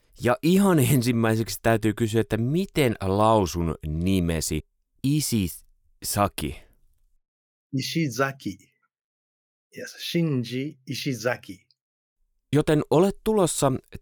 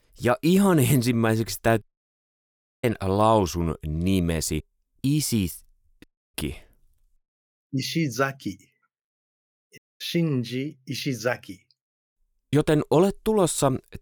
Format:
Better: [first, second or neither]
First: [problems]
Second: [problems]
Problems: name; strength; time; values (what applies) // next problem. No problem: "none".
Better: first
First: none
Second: audio cutting out; at 2 s for 1 s, at 6 s and at 10 s